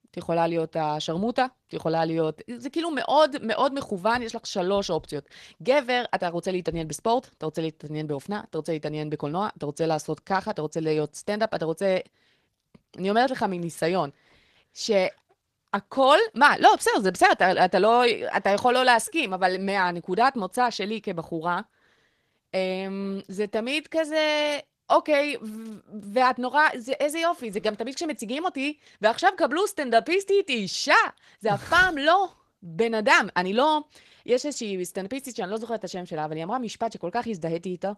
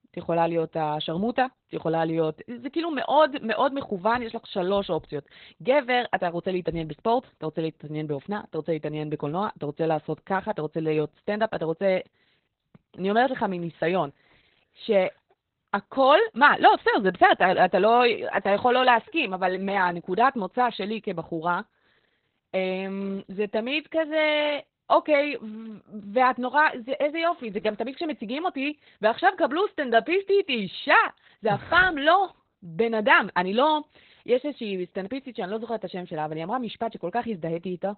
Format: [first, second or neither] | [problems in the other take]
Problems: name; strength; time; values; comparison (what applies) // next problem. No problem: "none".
first | garbled, watery; badly; nothing above 4 kHz; slightly in the first